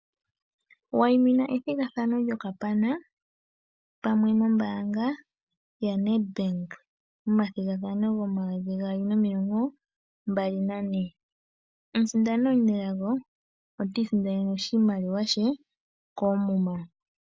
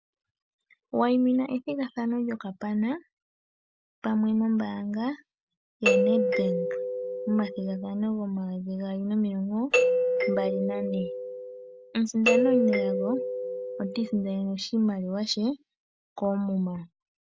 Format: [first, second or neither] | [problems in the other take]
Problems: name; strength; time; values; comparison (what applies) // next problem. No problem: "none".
first | background sound (Doorbell); 2 dB above the speech